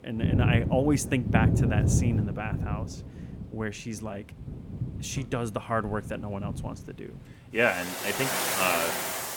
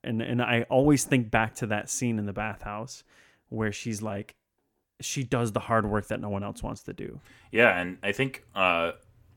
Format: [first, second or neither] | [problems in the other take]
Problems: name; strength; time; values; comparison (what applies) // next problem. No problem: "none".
second | rain or running water; very loud; throughout; 2 dB above the speech